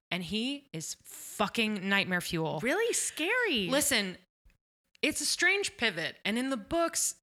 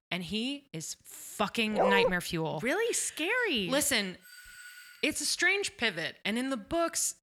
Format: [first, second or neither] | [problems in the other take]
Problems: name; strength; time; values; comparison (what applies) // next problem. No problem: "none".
first | dog barking; loud; at 1.5 s; peak 3 dB above the speech // doorbell; faint; from 4 to 5 s; peak 15 dB below the speech